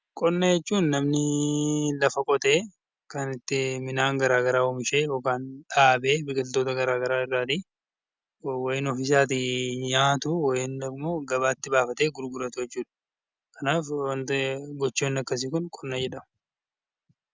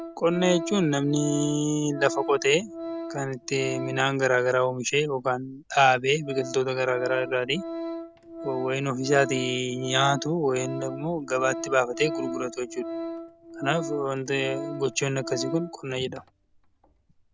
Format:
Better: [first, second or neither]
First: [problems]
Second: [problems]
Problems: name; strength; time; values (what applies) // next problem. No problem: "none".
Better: first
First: none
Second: background sound (Organ); 10 dB below the speech